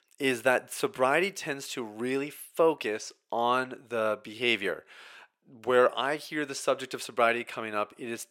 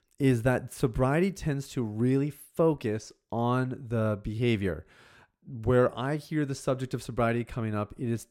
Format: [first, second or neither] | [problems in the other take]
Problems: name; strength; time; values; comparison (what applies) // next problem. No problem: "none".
second | thin; somewhat; fading below 500 Hz